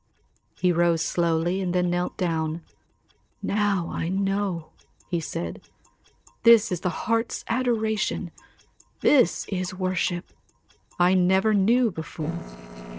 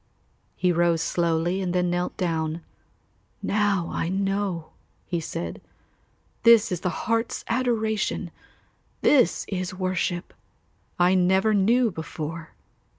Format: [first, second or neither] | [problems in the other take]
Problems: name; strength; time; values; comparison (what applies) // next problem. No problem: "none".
second | noise reduction (neural separator model SepFormer DNS4)